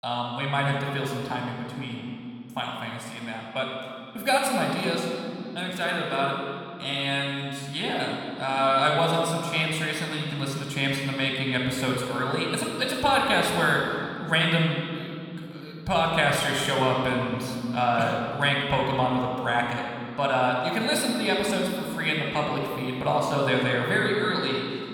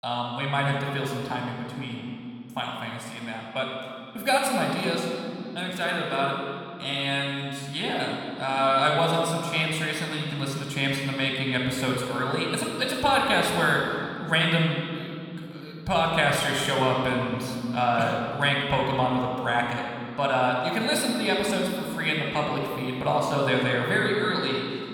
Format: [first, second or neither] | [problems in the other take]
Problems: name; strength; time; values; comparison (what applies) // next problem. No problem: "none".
neither | room echo; noticeable; dies away in 2.6 s; the same in both // off-mic speech; somewhat distant; the same in both